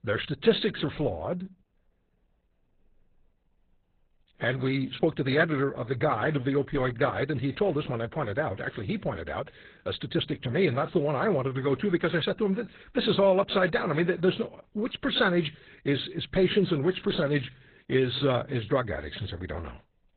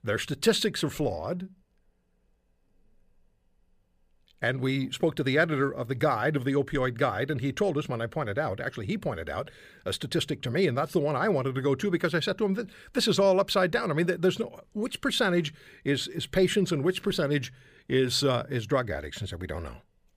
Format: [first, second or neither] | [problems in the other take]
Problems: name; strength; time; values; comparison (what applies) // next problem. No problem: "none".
second | garbled, watery; badly; nothing above 4 kHz